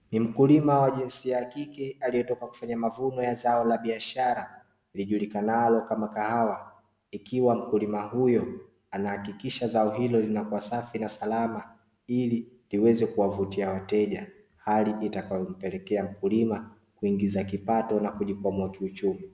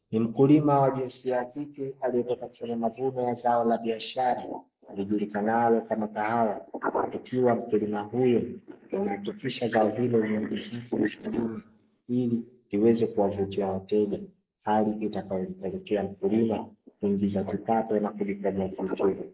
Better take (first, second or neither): first